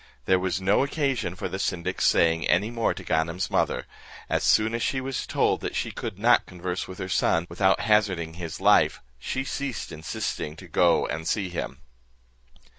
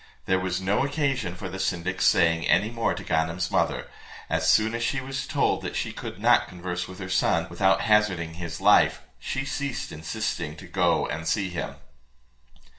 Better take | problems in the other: first | room echo; dies away in 0.4 s

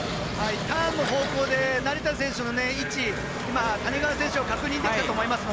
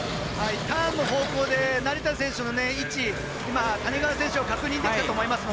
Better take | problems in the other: second | background sound (Engine + Piano); 13 dB below the speech

